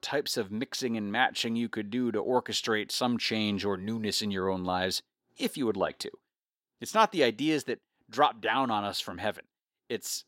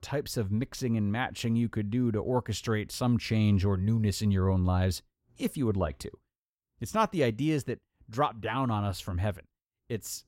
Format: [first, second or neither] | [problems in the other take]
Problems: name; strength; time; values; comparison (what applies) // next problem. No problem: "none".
second | thin; somewhat; fading below 300 Hz